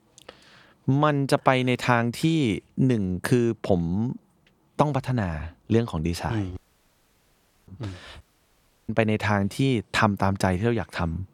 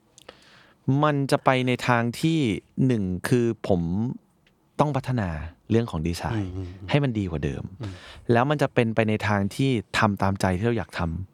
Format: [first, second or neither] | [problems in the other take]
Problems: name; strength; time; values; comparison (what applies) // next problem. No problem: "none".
second | audio cutting out; at 6.5 s for 1 s and at 8 s for 0.5 s